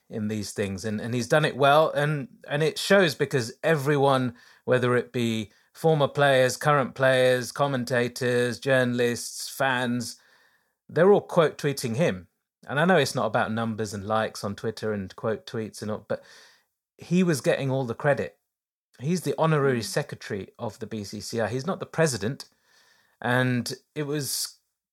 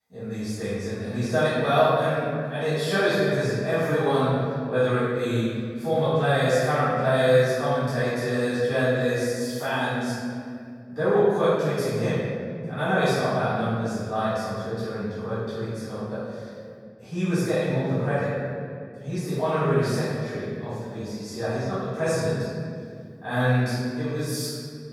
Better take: first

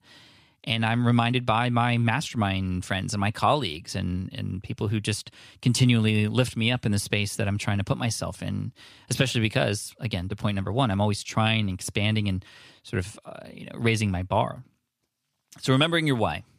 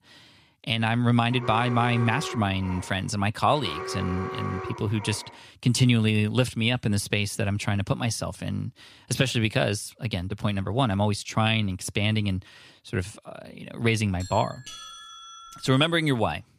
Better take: first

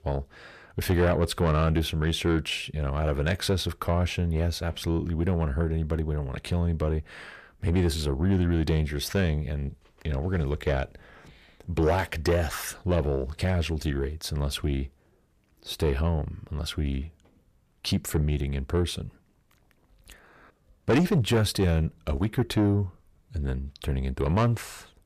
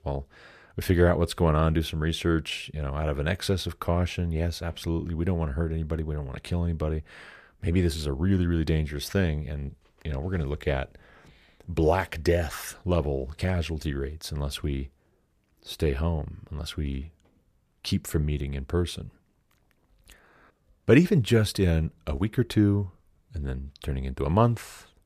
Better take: second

